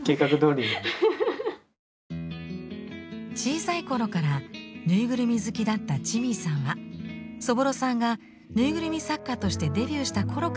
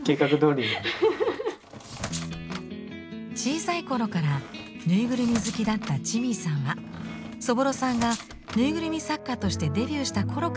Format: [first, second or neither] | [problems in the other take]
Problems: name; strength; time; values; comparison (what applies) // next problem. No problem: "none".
first | background sound (Squeak); 13 dB below the speech